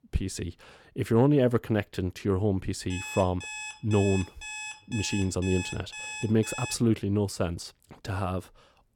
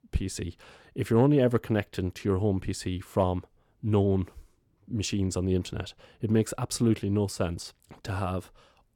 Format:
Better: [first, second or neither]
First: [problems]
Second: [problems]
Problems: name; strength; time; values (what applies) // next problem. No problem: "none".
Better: second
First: alarm; noticeable; from 3 to 7 s; peak 8 dB below the speech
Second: none